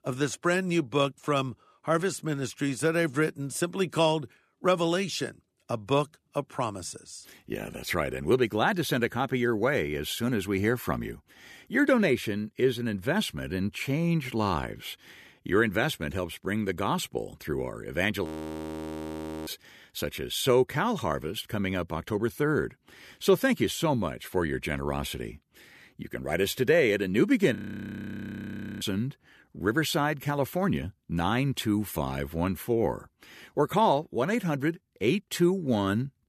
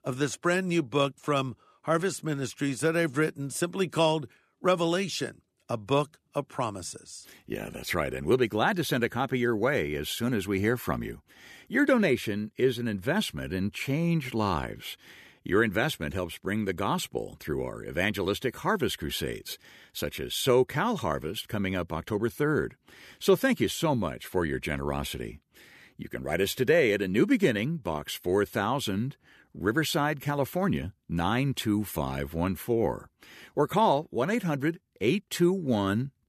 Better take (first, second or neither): second